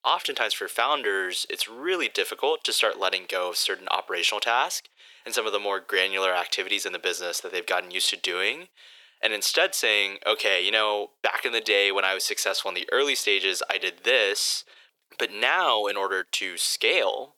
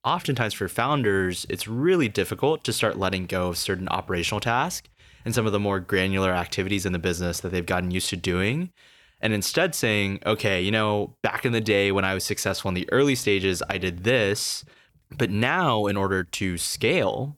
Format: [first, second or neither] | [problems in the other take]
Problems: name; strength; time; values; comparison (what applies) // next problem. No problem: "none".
second | thin; very; fading below 450 Hz